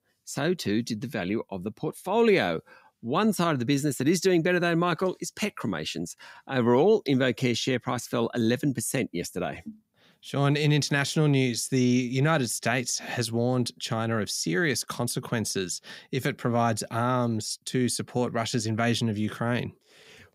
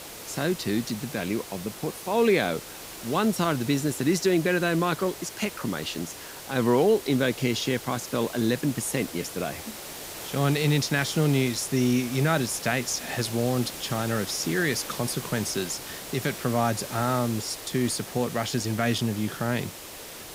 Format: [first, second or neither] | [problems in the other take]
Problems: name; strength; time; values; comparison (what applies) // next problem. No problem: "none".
first | hiss; noticeable; throughout; 10 dB below the speech